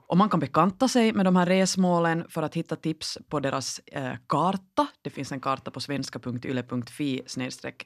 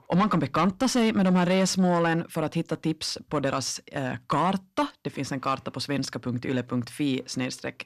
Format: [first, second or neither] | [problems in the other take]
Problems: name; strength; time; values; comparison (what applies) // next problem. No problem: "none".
first | distortion; slight; 10 dB below the speech